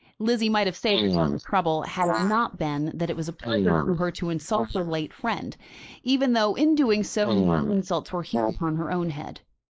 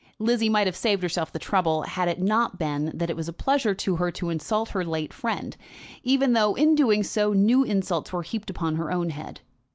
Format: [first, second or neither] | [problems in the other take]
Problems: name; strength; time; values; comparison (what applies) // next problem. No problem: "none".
second | noise reduction (neural mask model Resemble Enhance denoiser)